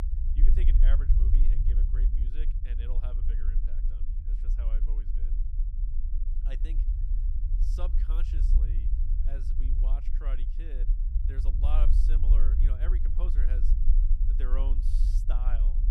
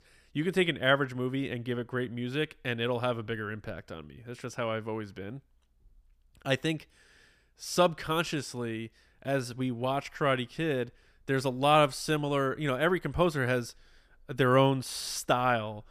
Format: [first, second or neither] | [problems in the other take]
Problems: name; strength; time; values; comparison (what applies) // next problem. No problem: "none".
second | low rumble; loud; throughout; 3 dB below the speech